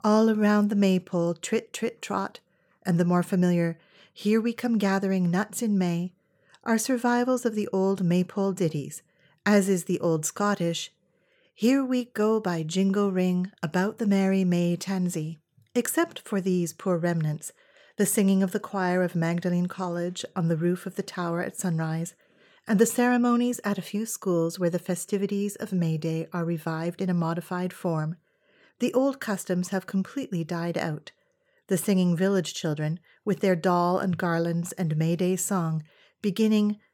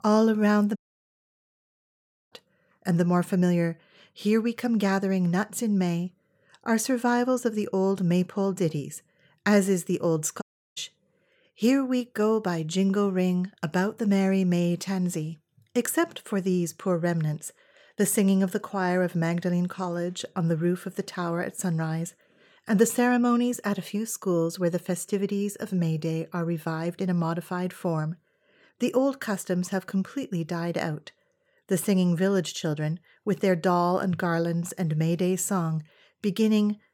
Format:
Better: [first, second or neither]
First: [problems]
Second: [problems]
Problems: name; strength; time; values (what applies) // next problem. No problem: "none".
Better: first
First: none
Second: audio cutting out; at 1 s for 1.5 s and at 10 s